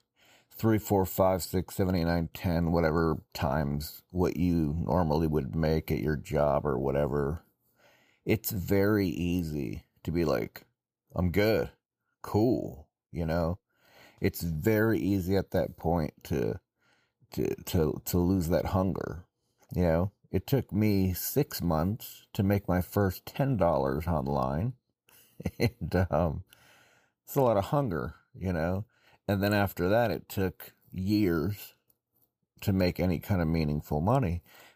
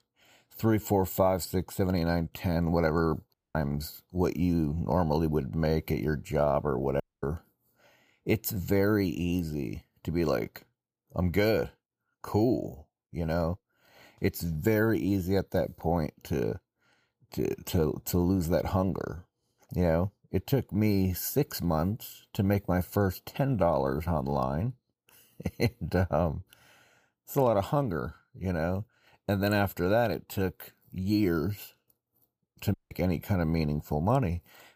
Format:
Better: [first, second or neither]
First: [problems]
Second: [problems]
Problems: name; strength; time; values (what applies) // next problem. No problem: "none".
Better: first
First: none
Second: audio cutting out; at 3.5 s, at 7 s and at 33 s